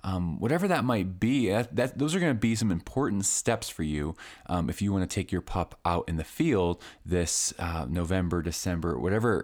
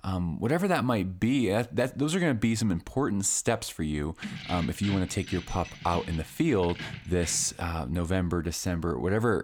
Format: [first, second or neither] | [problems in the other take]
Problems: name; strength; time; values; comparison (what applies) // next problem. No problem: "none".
first | jangling keys; noticeable; from 4 to 7.5 s; peak 9 dB below the speech